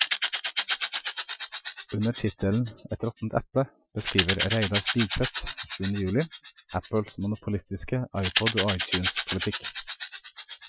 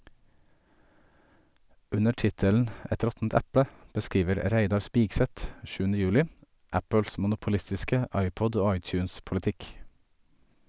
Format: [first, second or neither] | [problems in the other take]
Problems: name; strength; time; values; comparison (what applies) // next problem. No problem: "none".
second | noise reduction (classical method Wiener filter)